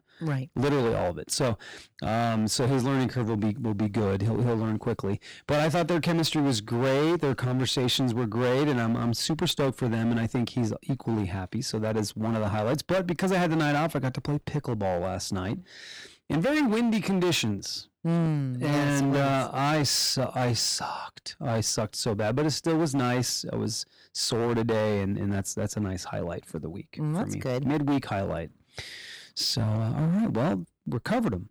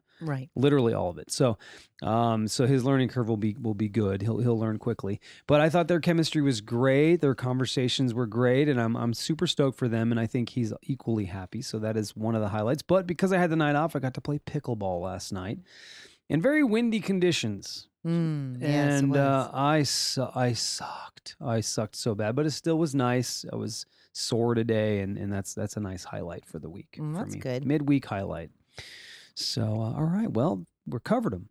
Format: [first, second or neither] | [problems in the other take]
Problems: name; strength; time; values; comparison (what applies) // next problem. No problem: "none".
second | distortion; heavy; 17% of the sound clipped